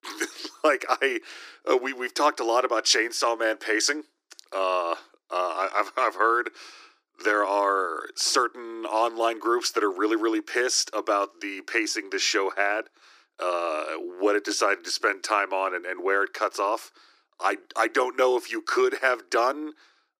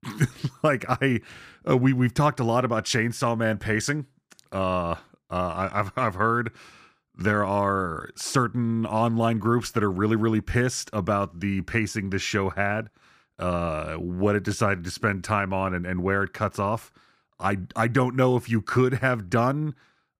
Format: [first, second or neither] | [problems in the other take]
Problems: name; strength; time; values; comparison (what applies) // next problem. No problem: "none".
second | thin; very; fading below 300 Hz